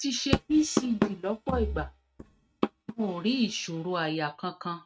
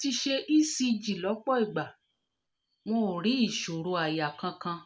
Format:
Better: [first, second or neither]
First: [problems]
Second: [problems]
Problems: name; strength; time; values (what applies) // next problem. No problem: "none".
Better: second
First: noise reduction (neural mask model RNNoise)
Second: none